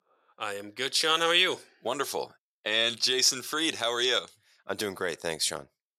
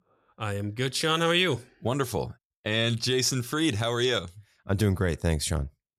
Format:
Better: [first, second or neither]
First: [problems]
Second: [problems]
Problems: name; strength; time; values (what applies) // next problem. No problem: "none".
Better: second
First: thin; very; fading below 450 Hz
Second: none